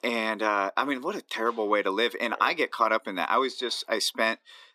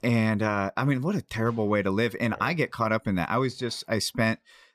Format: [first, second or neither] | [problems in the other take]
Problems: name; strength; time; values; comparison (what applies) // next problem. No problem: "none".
second | thin; somewhat; fading below 300 Hz